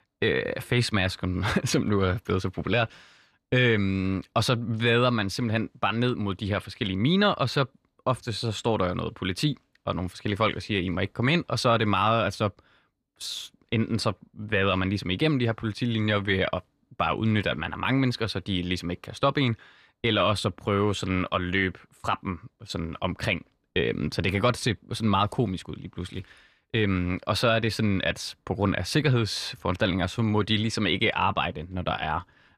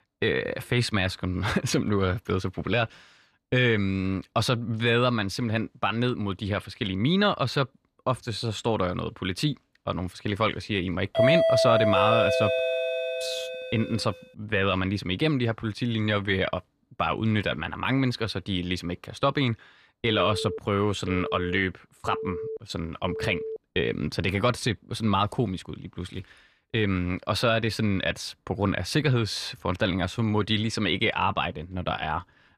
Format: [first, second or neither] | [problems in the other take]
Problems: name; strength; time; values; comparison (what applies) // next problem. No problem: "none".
first | doorbell; loud; from 11 to 14 s; peak 6 dB above the speech // phone ringing; noticeable; from 20 to 24 s; peak 7 dB below the speech